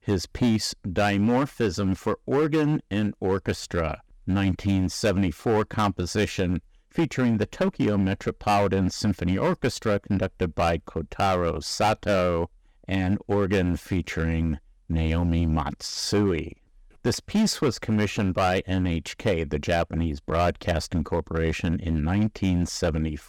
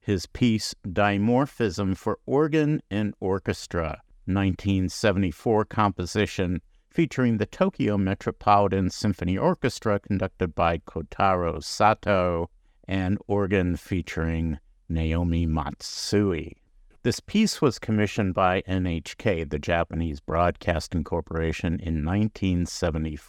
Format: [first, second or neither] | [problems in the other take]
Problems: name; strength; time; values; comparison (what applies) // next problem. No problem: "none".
second | distortion; slight; 7% of the sound clipped